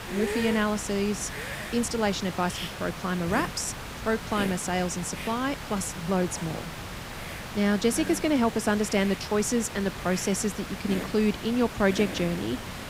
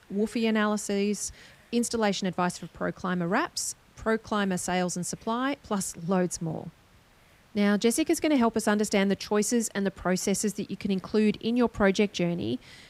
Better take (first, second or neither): second